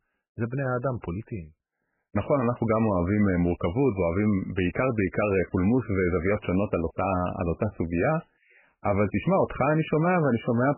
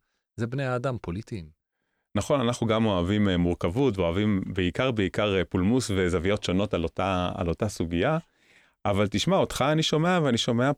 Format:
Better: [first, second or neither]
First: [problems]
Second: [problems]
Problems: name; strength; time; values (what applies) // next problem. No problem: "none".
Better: second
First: garbled, watery; badly; nothing above 2.5 kHz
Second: none